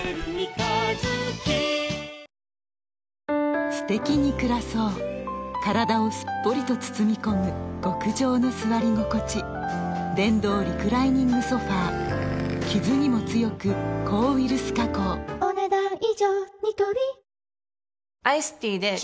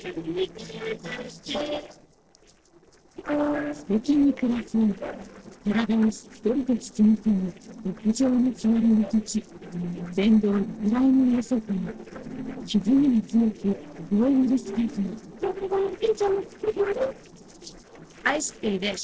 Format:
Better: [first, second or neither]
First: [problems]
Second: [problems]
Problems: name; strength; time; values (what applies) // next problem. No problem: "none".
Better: first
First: none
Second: noise reduction (neural separator model SepFormer DNS4)